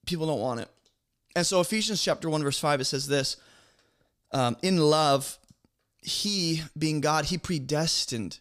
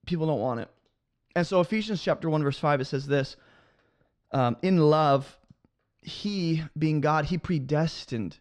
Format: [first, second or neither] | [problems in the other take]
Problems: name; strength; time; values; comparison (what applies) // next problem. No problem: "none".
first | muffled; slightly; fading above 2.5 kHz